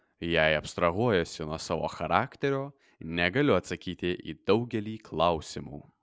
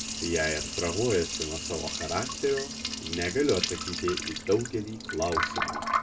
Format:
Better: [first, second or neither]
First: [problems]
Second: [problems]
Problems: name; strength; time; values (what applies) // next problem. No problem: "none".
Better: first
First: none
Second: background sound (Liquid); 3 dB below the speech // room echo; dies away in 0.2 s